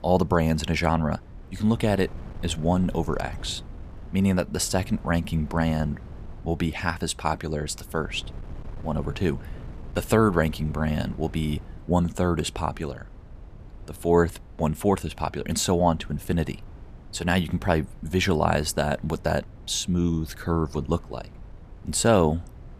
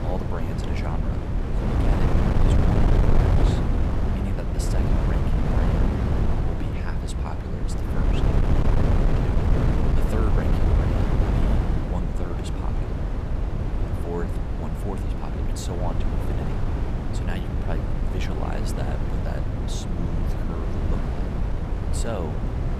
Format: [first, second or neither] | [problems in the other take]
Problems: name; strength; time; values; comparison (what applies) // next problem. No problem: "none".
first | wind noise on the microphone; heavy; 5 dB above the speech; occasional gusts in the first